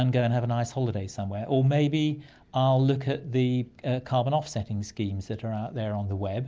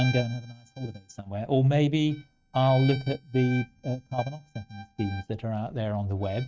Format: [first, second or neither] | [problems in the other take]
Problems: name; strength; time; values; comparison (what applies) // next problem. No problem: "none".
first | noise reduction (neural mask model RNNoise)